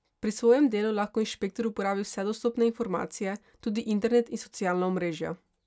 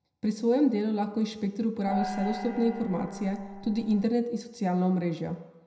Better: first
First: none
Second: background sound (Gong); 8 dB below the speech // room echo; dies away in 0.8 s

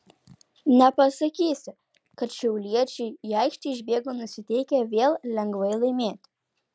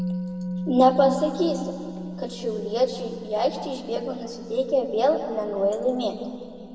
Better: first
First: none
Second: background sound (Musical instrument); 10 dB below the speech // room echo; dies away in 2.2 s

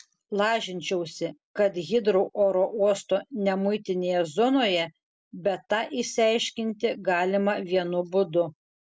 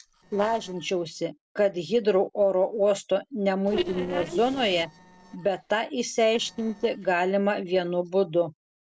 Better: first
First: none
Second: noise reduction (neural separator model SepFormer DNS4)

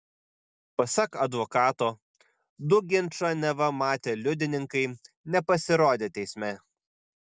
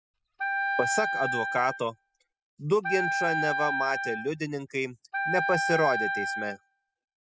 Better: first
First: none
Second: noise reduction (classical method spectral subtraction)

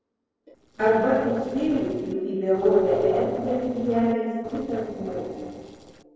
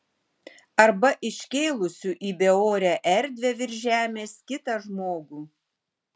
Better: second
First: noise reduction (neural separator model SepFormer DNS4)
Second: none

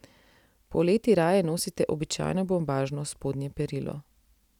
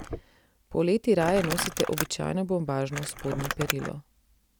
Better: first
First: none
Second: background sound (Crumpling, crinkling); 8 dB below the speech

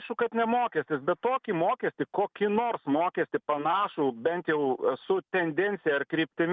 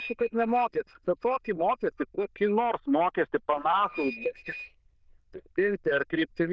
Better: first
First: none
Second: noise reduction (neural diffusion model UNIVERSE++)

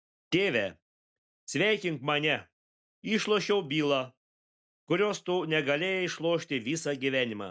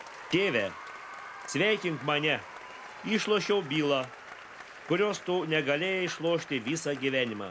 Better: first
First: none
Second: background sound (Applause); 15 dB below the speech

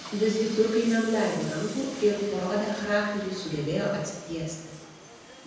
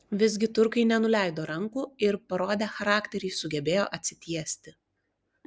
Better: second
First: background sound (Train); 15 dB below the speech // room echo; dies away in 1.2 s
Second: none

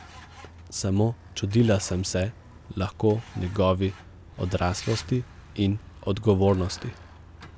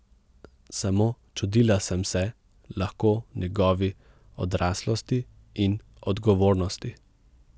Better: second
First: background sound (Truck); 19 dB below the speech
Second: none

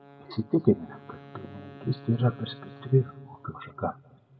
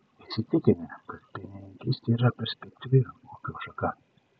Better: second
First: background sound (Wind instrument, woodwind instrument); 19 dB below the speech // room echo; dies away in 1.1 s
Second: none

